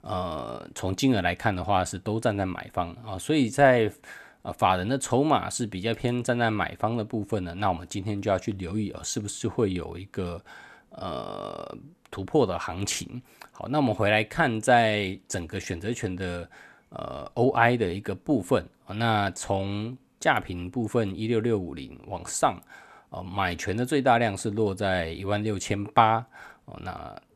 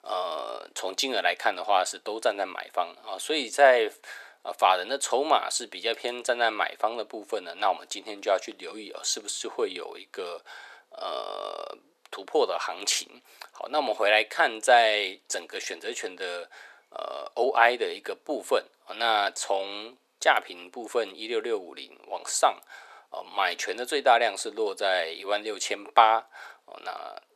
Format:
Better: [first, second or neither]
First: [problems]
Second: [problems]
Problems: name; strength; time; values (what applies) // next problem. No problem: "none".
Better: first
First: none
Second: thin; very; fading below 450 Hz